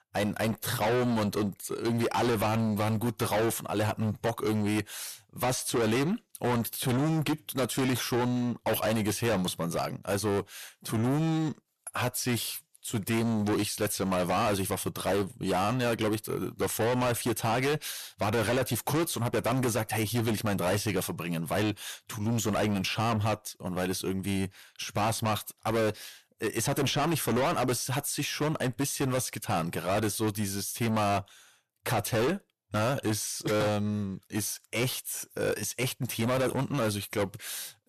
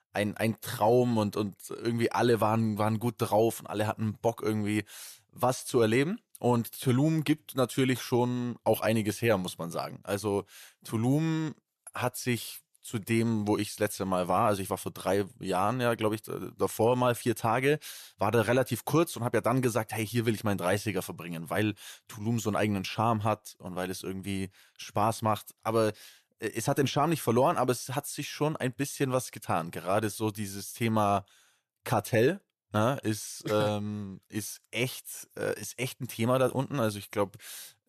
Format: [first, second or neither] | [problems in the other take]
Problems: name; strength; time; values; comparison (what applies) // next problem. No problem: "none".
second | distortion; heavy; 6 dB below the speech